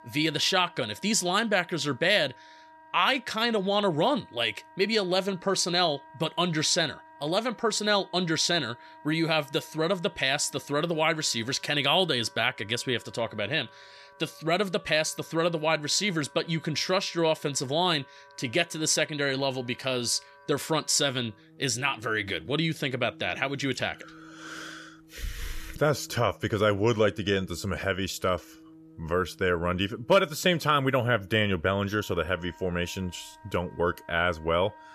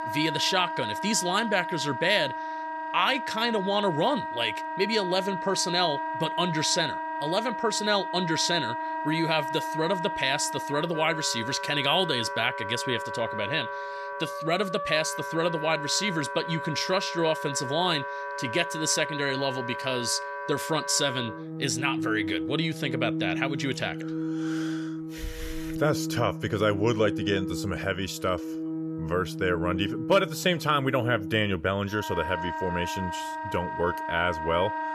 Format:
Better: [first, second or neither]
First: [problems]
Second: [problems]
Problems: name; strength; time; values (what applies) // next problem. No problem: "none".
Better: first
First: background music; faint; throughout; 25 dB below the speech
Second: background music; loud; throughout; 6 dB below the speech